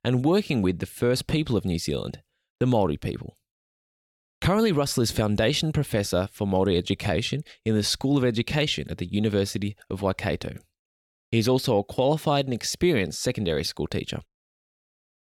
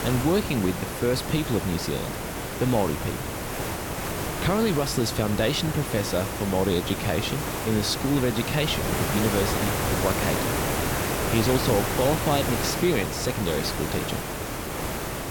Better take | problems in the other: first | hiss; loud; throughout; 2 dB below the speech

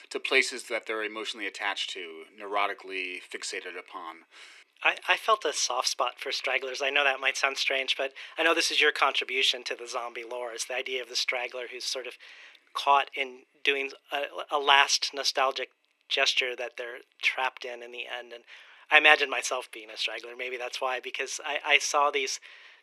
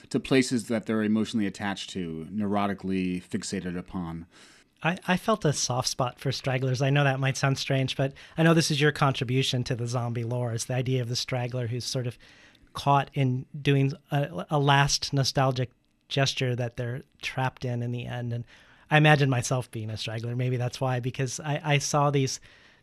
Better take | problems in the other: second | thin; very; fading below 350 Hz

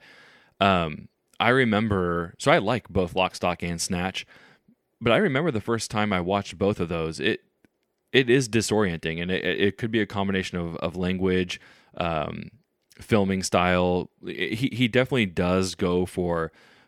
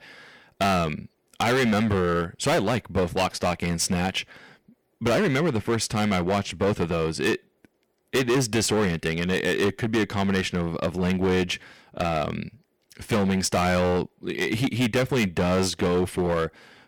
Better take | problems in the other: first | distortion; heavy; 13% of the sound clipped

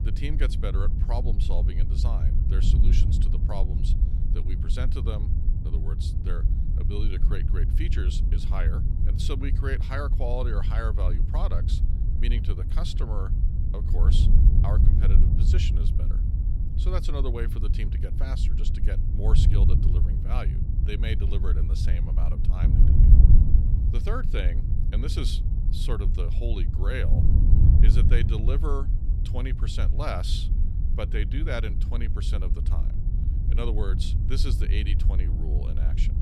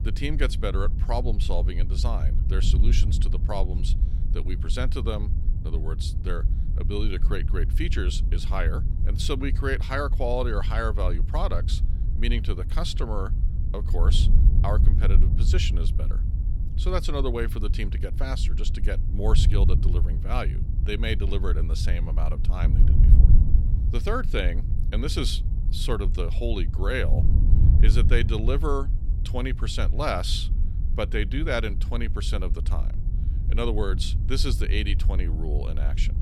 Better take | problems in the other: second | wind noise on the microphone; heavy; 4 dB below the speech; occasional gusts in the second

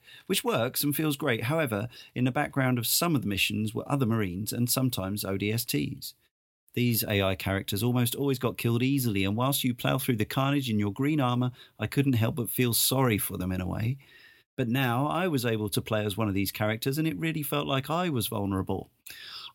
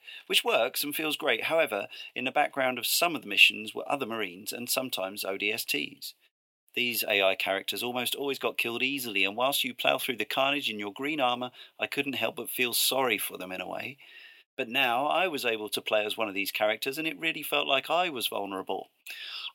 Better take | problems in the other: first | thin; very; fading below 450 Hz

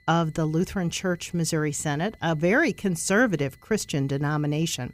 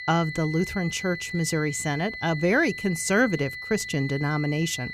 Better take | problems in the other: first | high-pitched whine; loud; throughout; 2 kHz, 8 dB below the speech; faint in the first

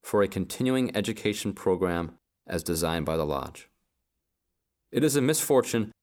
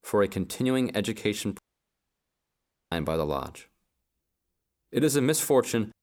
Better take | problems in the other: first | audio cutting out; at 1.5 s for 1.5 s

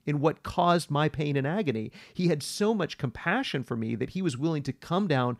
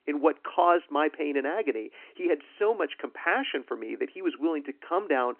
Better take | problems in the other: first | phone-call audio

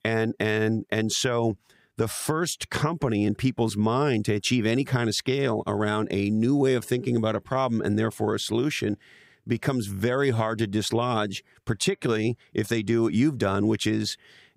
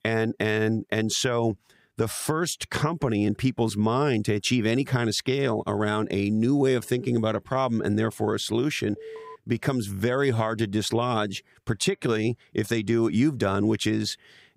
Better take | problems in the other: first | alarm; faint; at 9 s; peak 15 dB below the speech

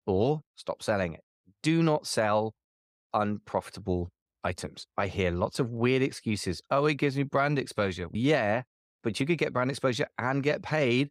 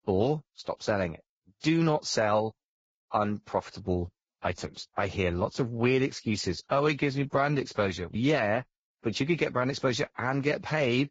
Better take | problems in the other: first | garbled, watery; badly; nothing above 7.5 kHz

